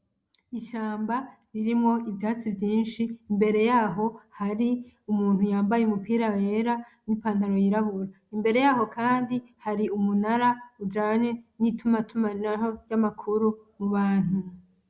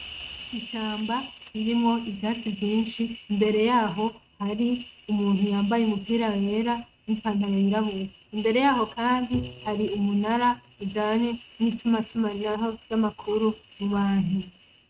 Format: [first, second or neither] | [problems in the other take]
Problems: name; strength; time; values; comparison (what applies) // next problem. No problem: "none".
first | noise reduction (neural mask model RNNoise)